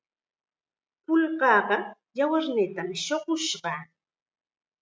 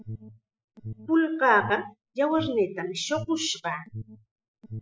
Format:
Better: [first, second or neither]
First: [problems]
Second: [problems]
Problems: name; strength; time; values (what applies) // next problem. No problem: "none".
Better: first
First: none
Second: noise reduction (classical method Wiener filter)